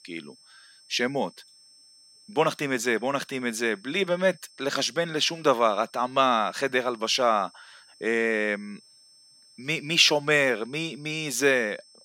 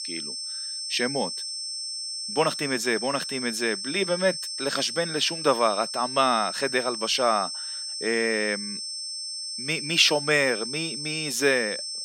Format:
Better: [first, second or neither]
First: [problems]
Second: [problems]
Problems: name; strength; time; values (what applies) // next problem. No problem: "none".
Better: first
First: high-pitched whine; faint; throughout; 5.5 kHz, 30 dB below the speech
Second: high-pitched whine; loud; throughout; 5.5 kHz, 5 dB below the speech